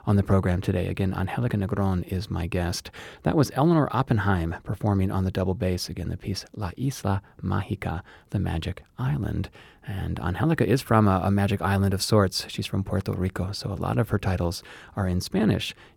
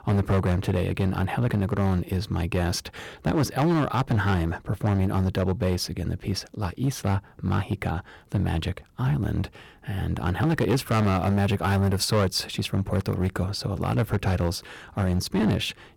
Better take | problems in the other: first | distortion; slight; 9% of the sound clipped

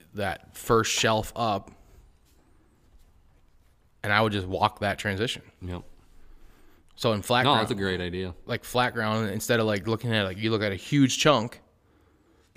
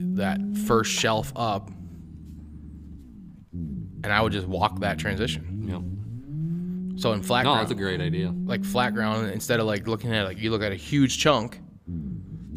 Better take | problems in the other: first | low rumble; noticeable; throughout; 15 dB below the speech

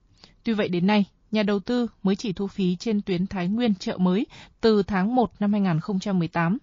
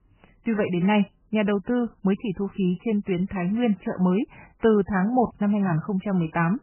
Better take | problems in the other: first | garbled, watery; badly; nothing above 3 kHz; slightly in the first

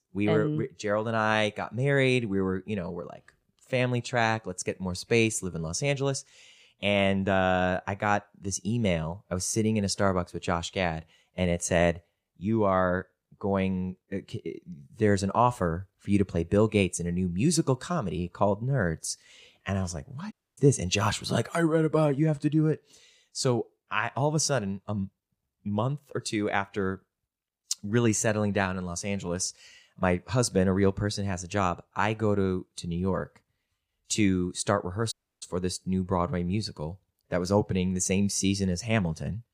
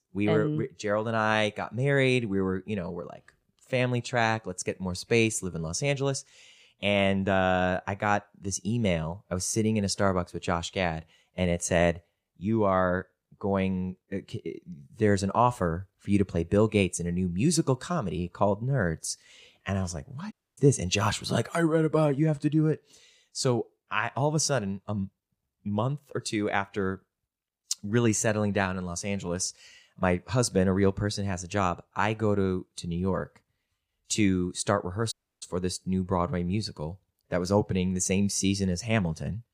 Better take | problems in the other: neither | audio cutting out; at 20 s and at 35 s; the same in both

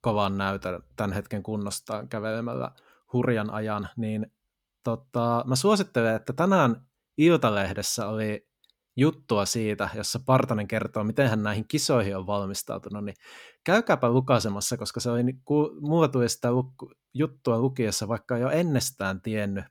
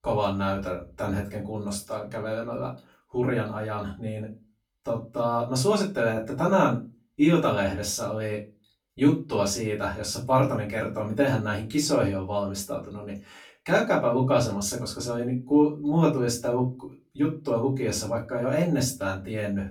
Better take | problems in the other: first | off-mic speech; far // room echo; slight; dies away in 0.2 s

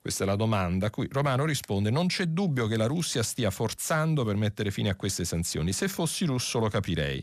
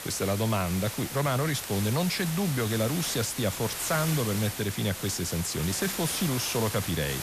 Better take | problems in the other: first | hiss; loud; throughout; 5 dB below the speech

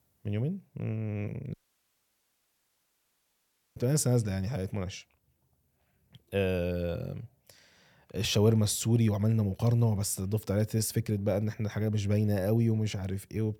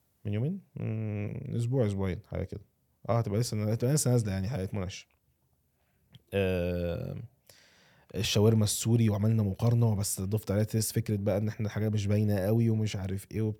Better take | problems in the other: second | audio cutting out; at 1.5 s for 2 s

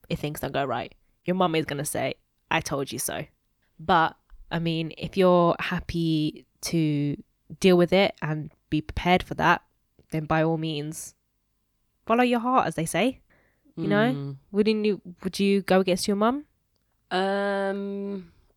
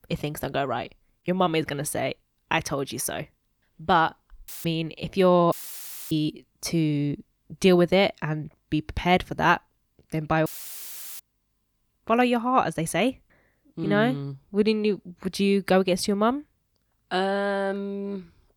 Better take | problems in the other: first | audio cutting out; filled with static; at 4.5 s, at 5.5 s for 0.5 s and at 10 s for 0.5 s

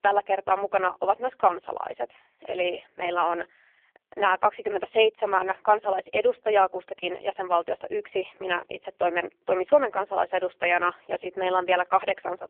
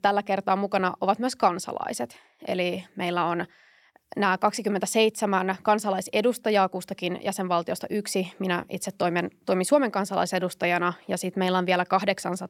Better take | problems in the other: second | phone-call audio; poor line; nothing above 3 kHz

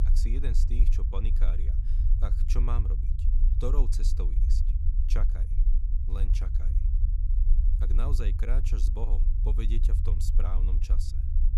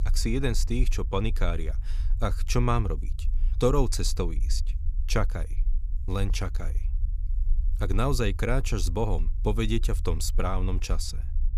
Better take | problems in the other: second | low rumble; loud; throughout; 6 dB below the speech; faint in the second

